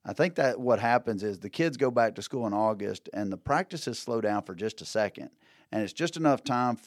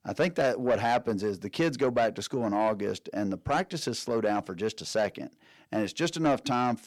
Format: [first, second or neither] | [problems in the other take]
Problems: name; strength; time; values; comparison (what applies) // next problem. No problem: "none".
first | distortion; slight; 10 dB below the speech